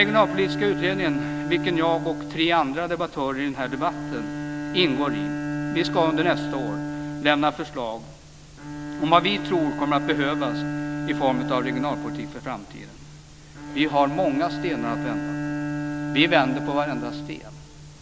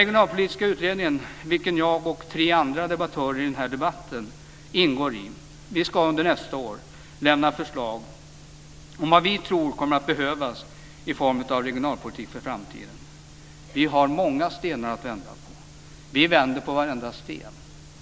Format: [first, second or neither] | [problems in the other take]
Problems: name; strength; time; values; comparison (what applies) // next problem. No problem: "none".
second | background sound (Bowed string instrument); 5 dB below the speech